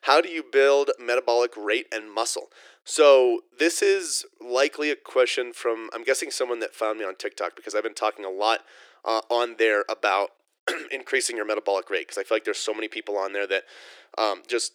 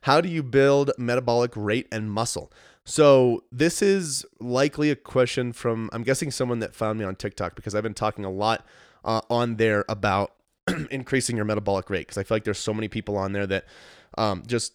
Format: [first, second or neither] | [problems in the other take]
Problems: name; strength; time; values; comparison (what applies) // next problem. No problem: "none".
second | thin; very; fading below 350 Hz